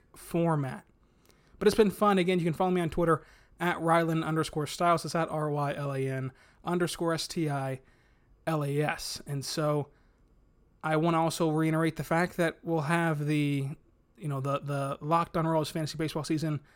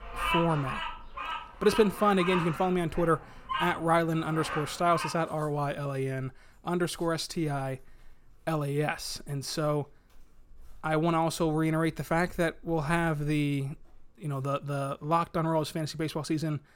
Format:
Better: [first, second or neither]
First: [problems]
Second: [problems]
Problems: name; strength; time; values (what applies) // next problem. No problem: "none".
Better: first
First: none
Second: animal sounds; loud; throughout; 6 dB below the speech